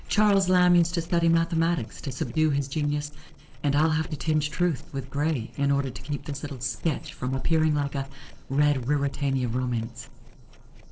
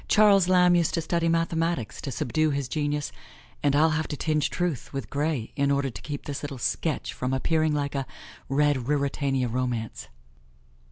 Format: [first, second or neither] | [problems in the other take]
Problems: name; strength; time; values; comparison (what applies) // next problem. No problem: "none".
second | noise reduction (neural separator model SepFormer DNS4)